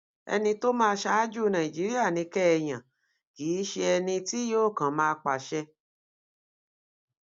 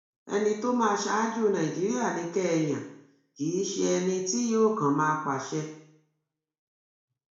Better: first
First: none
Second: room echo; dies away in 0.6 s

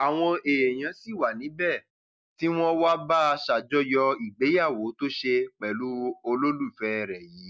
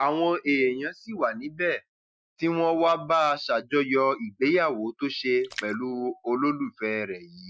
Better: first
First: none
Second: noise reduction (classical method Wiener filter)

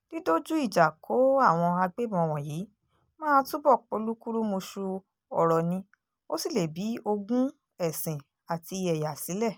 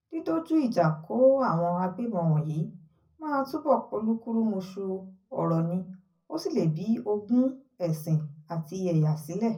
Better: first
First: none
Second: room echo; dies away in 0.4 s

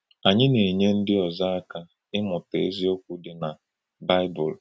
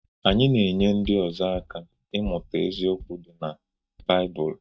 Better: first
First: none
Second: noise reduction (neural mask model DeepFilterNet 3)

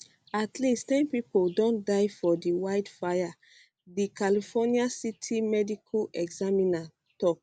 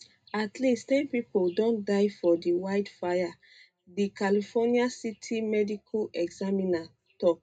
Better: first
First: none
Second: room echo; dies away in 0.2 s

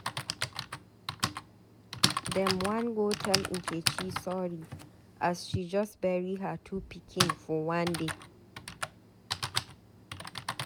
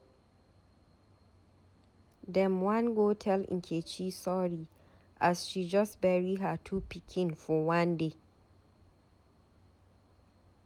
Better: second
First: background sound (Typing); 1 dB below the speech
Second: none

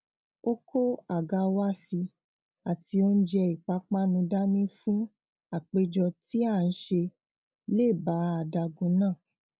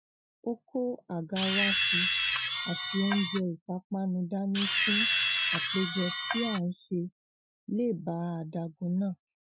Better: first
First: none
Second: noise reduction (classical method Wiener filter)

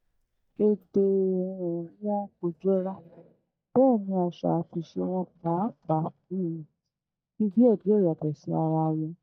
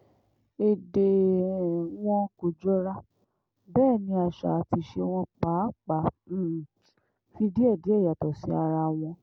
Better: second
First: noise reduction (neural mask model DeepFilterNet 3)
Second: none

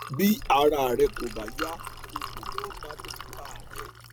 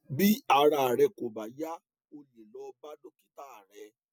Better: second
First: background sound (Bird vocalization, bird call, bird song + Liquid); 10 dB below the speech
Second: none

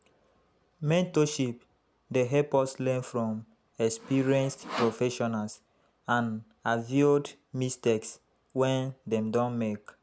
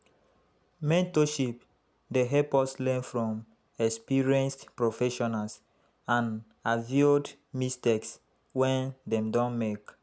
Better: second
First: background sound (Sawing); 11 dB below the speech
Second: none

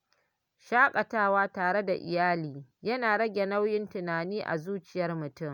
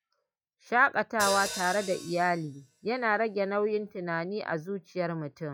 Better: first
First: none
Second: noise reduction (classical method log-MMSE)

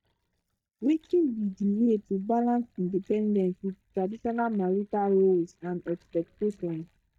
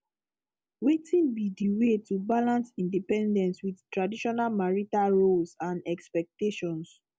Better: second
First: noise reduction (neural mask model DeepFilterNet 3)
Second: none

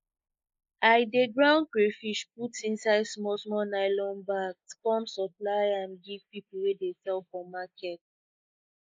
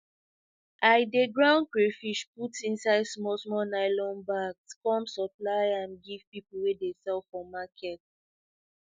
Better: second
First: noise reduction (neural mask model Resemble Enhance denoiser)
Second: none

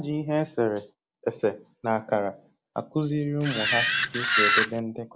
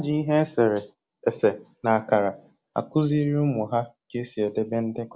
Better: second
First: background sound (Camera); 4 dB above the speech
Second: none

